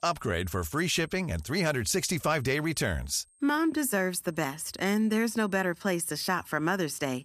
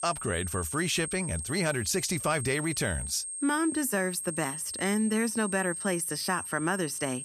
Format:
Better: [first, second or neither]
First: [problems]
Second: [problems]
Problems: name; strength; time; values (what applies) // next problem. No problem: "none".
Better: first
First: high-pitched whine; faint; throughout; 8.5 kHz, 35 dB below the speech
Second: high-pitched whine; loud; throughout; 8.5 kHz, 5 dB below the speech